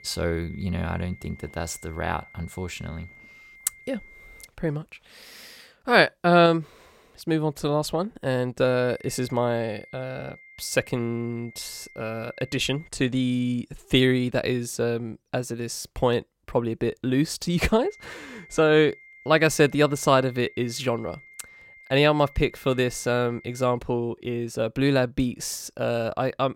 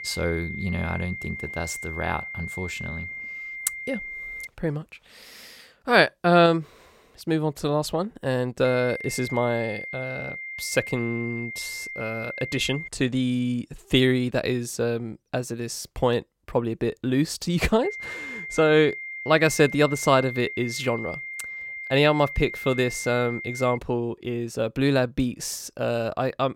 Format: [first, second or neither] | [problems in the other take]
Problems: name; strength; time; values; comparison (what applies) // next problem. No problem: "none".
first | high-pitched whine; loud; until 4.5 s, from 8.5 to 13 s and from 18 to 24 s; 2 kHz, 9 dB below the speech; faint in the first